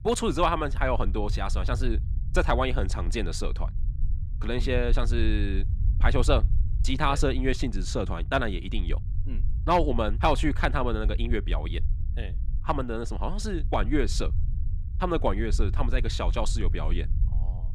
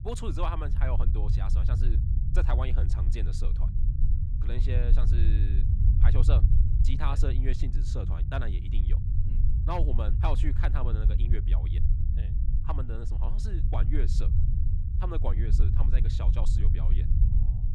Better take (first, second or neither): first